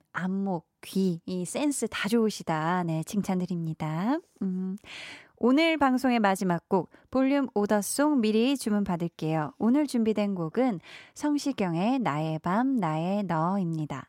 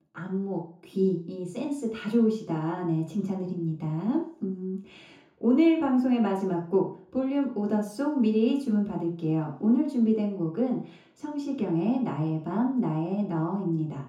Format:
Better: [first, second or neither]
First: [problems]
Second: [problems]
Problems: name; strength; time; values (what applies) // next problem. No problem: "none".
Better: first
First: none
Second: room echo; slight; dies away in 0.6 s // off-mic speech; far